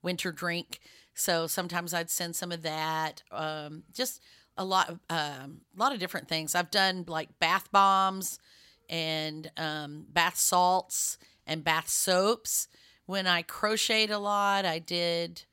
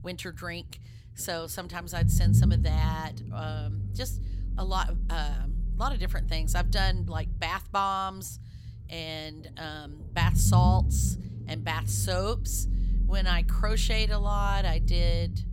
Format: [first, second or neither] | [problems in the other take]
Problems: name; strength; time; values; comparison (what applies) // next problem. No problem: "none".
first | low rumble; noticeable; throughout; 10 dB below the speech